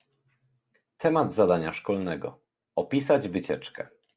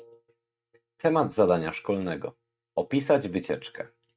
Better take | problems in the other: first | noise reduction (neural mask model RNNoise)

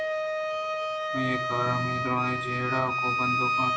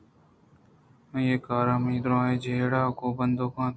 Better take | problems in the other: second | background sound (Wind instrument, woodwind instrument); 3 dB above the speech // room echo; dies away in 0.5 s

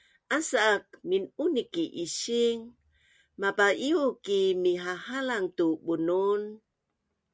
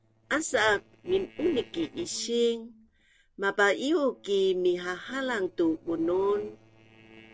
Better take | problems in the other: first | noise reduction (neural separator model SepFormer DNS4)

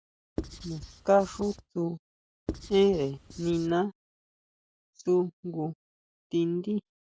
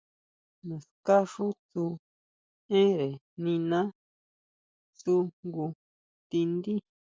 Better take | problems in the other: second | background sound (Writing); 11 dB below the speech

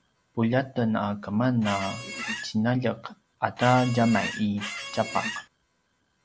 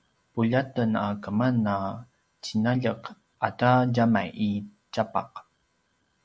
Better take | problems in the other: second | background sound (Squeak); 8 dB below the speech

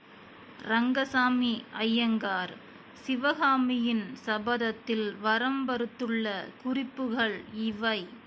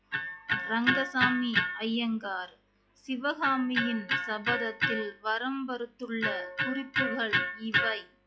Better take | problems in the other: first | noise reduction (classical method log-MMSE)

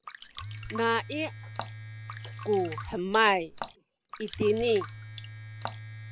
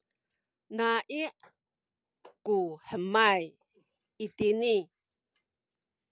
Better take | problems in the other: second | background sound (Domestic sounds, home sounds + Drip); 10 dB below the speech

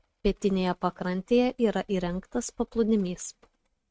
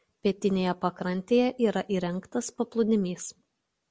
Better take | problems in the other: second | noise reduction (neural mask model RNNoise)

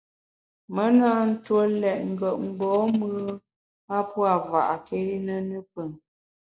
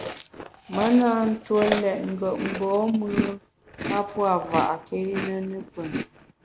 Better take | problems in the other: first | background sound (Chewing, mastication); 7 dB below the speech

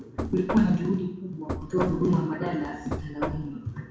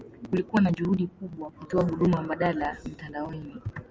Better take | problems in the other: second | background sound (Knock); 8 dB below the speech // room echo; dies away in 0.6 s

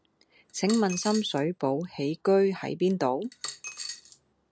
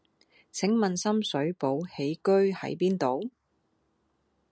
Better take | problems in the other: second | background sound (Coin (dropping)); 12 dB below the speech

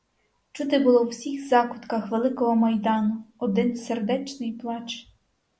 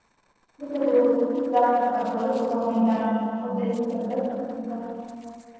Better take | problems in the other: first | noise reduction (neural separator model SepFormer DNS4)

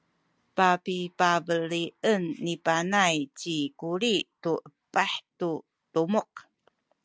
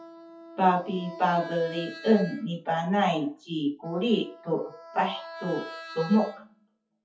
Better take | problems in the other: first | noise reduction (classical method WPE with log-MMSE)

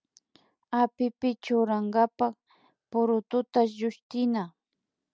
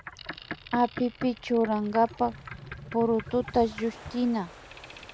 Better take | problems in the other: first | background sound (Boat, Water vehicle); 14 dB below the speech

